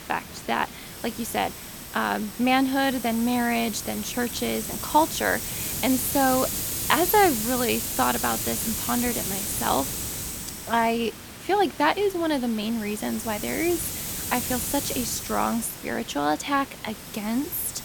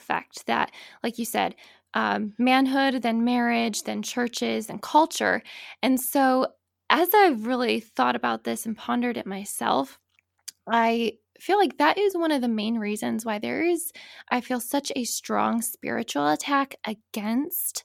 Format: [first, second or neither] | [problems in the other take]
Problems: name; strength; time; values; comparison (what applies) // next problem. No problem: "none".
second | hiss; loud; throughout; 5 dB below the speech